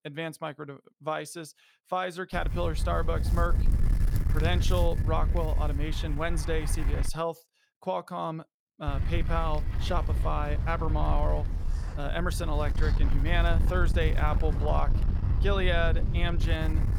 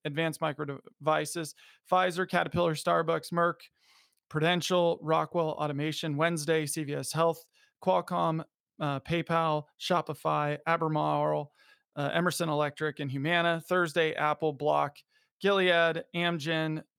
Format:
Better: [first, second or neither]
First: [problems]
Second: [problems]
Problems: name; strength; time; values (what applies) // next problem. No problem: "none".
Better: second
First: wind noise on the microphone; occasional gusts; from 2.5 to 7 s and from 9 s on; 10 dB below the speech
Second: none